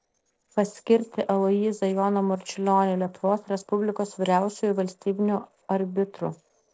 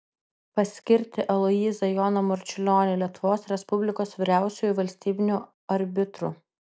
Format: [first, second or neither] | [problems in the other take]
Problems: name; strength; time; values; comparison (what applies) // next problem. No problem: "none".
second | noise reduction (neural separator model SepFormer DNS4)